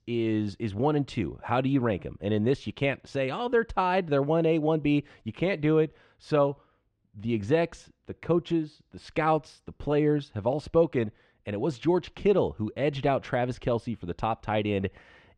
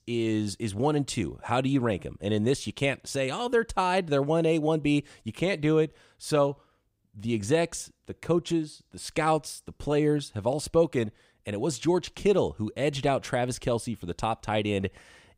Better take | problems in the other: second | muffled; slightly; fading above 3 kHz

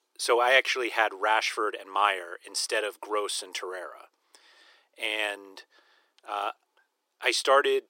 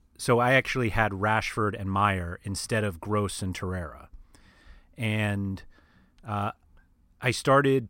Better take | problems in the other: second | thin; very; fading below 350 Hz

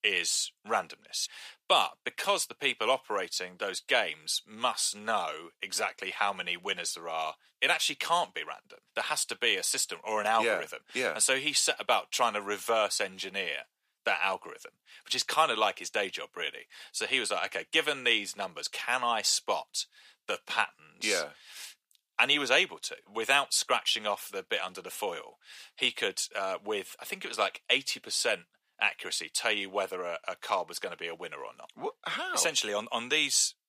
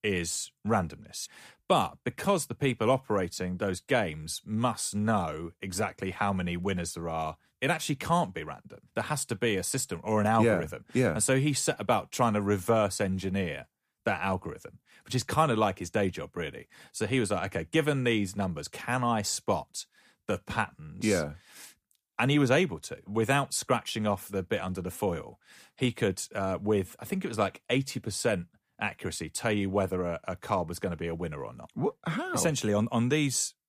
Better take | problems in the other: second | thin; very; fading below 600 Hz

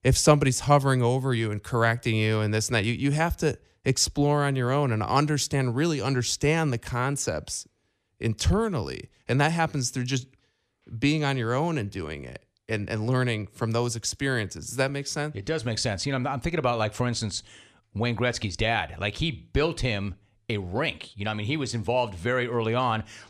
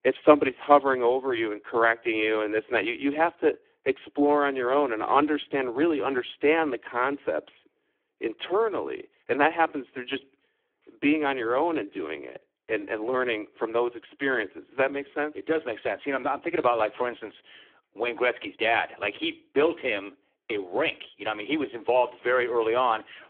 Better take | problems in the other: first | phone-call audio; poor line; nothing above 3.5 kHz

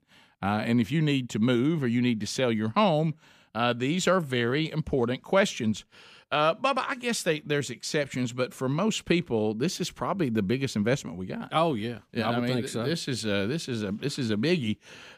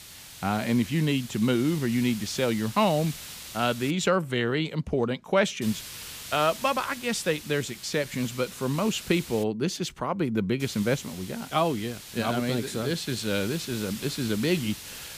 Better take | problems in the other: first | hiss; noticeable; until 4 s, from 5.5 to 9.5 s and from 11 s on; 15 dB below the speech

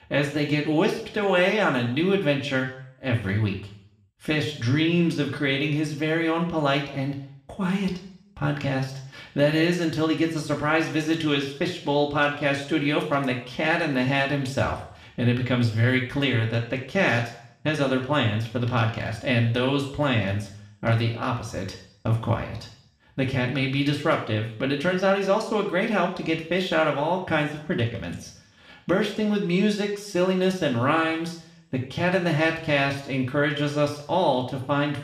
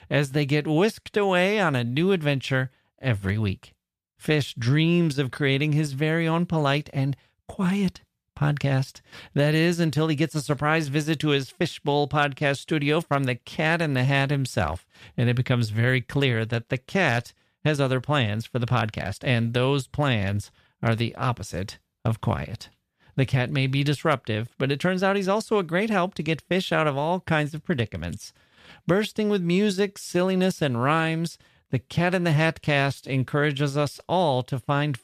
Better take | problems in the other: second | room echo; slight; dies away in 0.6 s // off-mic speech; somewhat distant

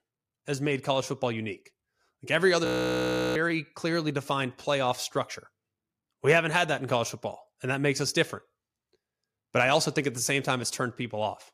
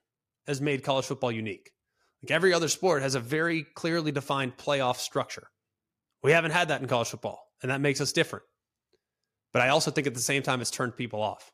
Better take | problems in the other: second | audio freezing; at 2.5 s for 0.5 s

